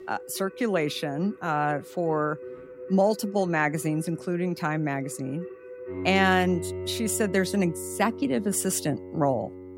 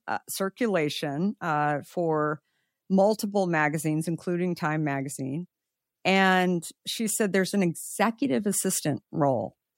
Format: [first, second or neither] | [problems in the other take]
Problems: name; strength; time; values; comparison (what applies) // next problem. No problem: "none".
second | background music; noticeable; throughout; 10 dB below the speech